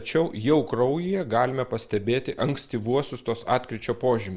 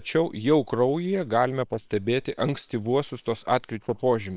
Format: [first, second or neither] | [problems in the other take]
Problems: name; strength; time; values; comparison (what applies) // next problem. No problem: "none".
first | noise reduction (neural separator model SepFormer WHAM!)